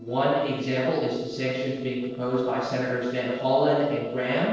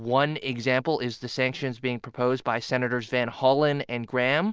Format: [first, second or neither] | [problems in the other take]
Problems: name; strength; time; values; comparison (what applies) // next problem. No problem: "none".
second | noise reduction (neural separator model SepFormer DNS4)